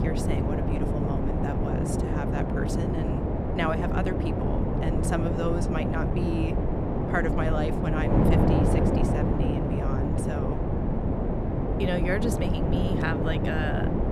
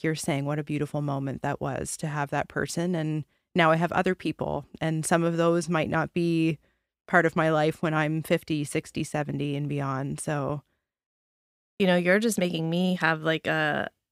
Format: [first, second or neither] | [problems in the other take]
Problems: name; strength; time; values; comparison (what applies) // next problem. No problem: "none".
second | wind noise on the microphone; heavy; 2 dB above the speech